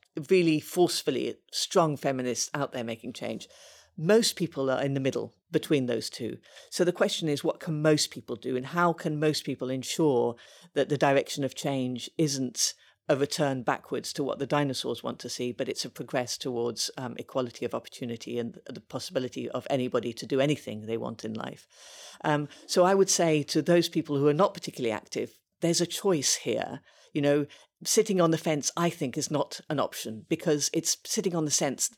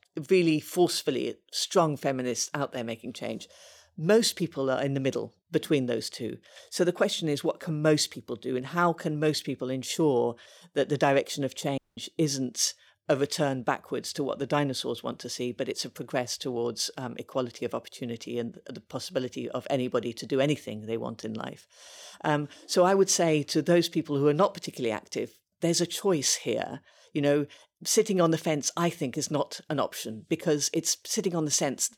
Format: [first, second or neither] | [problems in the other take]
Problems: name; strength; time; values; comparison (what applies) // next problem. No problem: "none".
first | audio cutting out; at 12 s